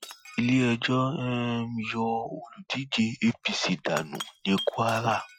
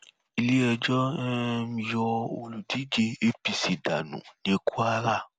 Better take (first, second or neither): second